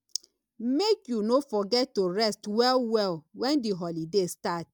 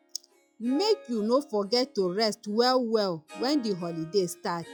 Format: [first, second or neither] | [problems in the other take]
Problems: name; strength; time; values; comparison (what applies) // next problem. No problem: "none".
first | noise reduction (classical method log-MMSE)